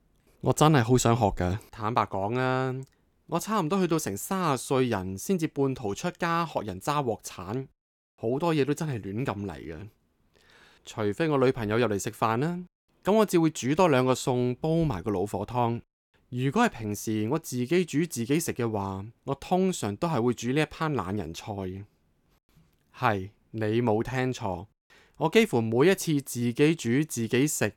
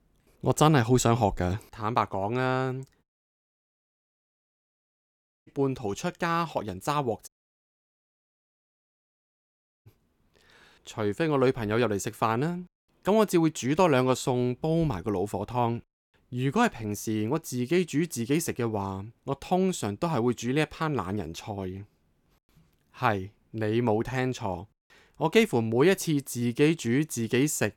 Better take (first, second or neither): first